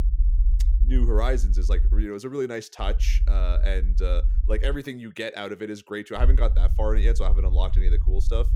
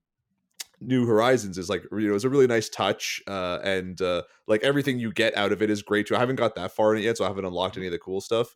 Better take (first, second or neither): second